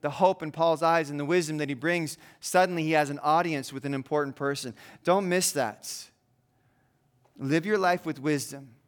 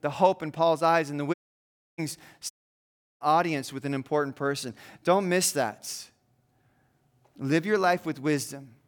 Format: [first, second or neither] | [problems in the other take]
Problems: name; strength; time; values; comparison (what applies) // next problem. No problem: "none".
first | audio cutting out; at 1.5 s for 0.5 s and at 2.5 s for 0.5 s